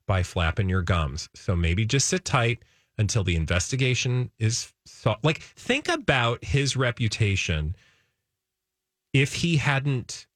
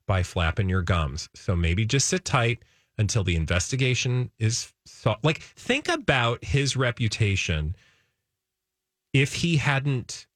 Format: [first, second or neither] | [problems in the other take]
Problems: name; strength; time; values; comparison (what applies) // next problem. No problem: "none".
neither | none